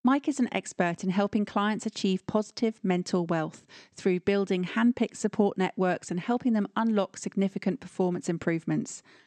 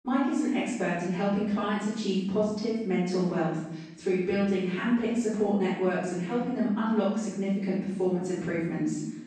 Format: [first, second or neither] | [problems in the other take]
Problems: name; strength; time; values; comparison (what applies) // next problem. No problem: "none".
first | room echo; strong; dies away in 0.8 s // off-mic speech; far